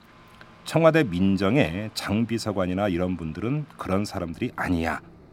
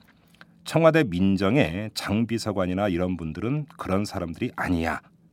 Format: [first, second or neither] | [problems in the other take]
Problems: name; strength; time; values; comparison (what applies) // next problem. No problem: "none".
second | machinery noise; faint; throughout; 25 dB below the speech